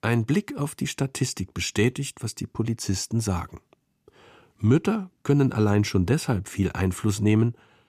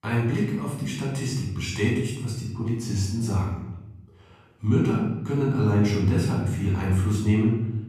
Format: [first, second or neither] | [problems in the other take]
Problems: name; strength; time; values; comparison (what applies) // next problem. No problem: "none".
first | off-mic speech; far // room echo; noticeable; dies away in 1 s